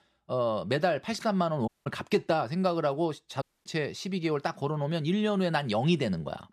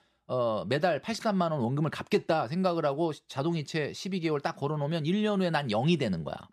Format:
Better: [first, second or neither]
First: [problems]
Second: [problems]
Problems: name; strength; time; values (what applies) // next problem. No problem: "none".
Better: second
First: audio cutting out; at 1.5 s and at 3.5 s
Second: none